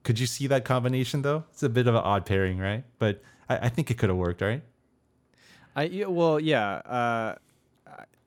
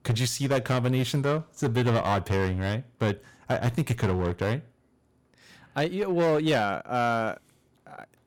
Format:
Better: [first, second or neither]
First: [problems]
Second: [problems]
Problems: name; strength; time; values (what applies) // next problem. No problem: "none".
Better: first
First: none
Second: distortion; slight; 9% of the sound clipped